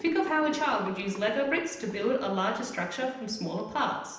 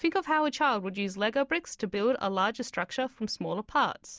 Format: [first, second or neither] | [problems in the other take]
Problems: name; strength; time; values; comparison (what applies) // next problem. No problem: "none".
second | background sound (Sink (filling or washing) / Gurgling); 16 dB below the speech // room echo; dies away in 0.9 s